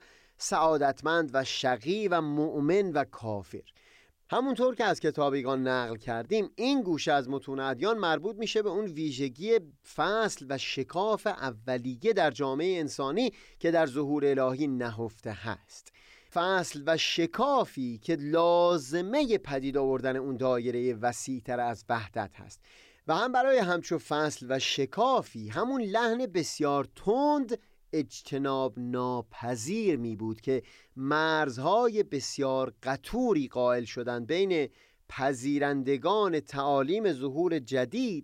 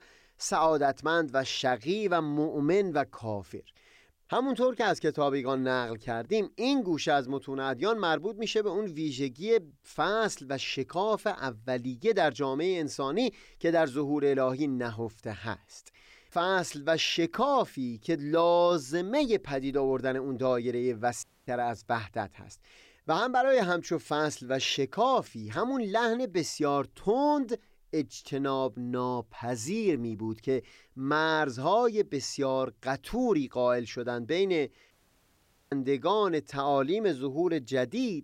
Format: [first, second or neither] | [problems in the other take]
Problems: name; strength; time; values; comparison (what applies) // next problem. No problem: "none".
first | audio cutting out; at 21 s and at 35 s for 1 s